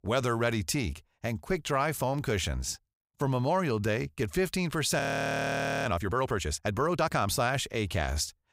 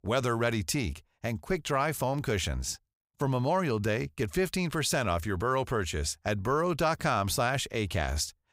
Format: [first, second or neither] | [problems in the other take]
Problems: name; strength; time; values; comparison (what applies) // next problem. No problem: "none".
second | audio freezing; at 5 s for 1 s